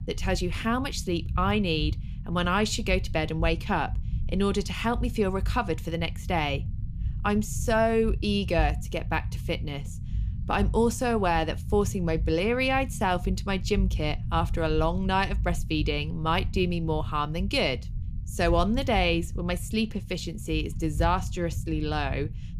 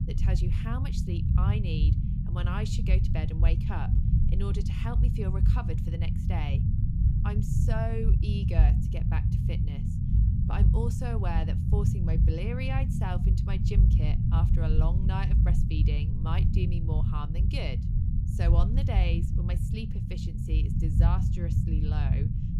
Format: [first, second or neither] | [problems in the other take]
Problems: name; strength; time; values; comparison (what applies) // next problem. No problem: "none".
first | low rumble; loud; throughout; 1 dB below the speech; faint in the first